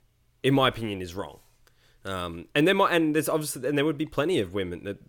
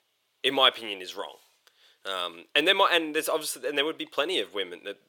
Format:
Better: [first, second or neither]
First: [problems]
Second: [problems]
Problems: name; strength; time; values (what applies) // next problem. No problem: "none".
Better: first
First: none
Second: thin; somewhat; fading below 550 Hz